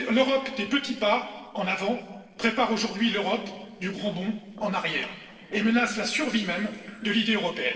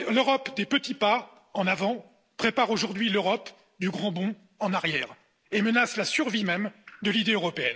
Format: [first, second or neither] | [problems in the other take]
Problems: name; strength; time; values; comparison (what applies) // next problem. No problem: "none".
second | noise reduction (neural separator model SepFormer DNS4)